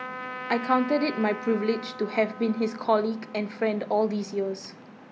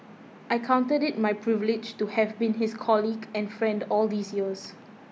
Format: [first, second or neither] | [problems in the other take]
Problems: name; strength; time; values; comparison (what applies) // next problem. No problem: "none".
second | background sound (Trumpet); 13 dB below the speech